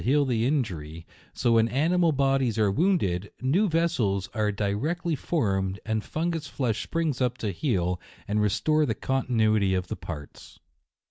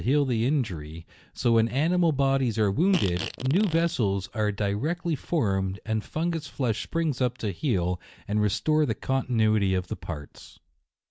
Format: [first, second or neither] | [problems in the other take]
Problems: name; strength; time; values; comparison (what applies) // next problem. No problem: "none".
first | background sound (Fart); 10 dB below the speech